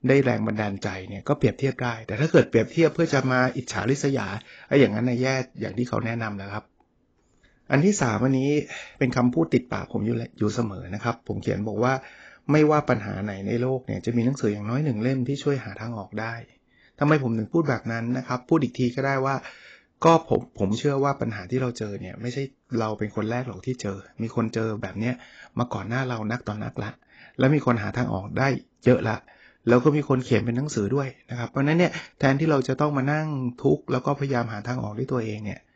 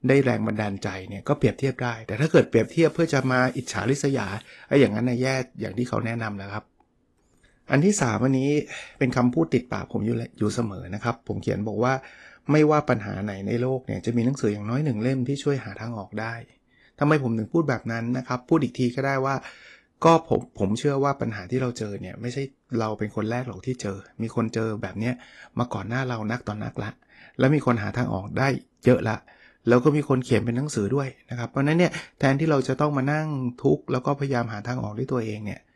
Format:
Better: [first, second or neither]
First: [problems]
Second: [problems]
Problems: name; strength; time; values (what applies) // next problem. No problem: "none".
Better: second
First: garbled, watery; badly; nothing above 7.5 kHz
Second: garbled, watery; slightly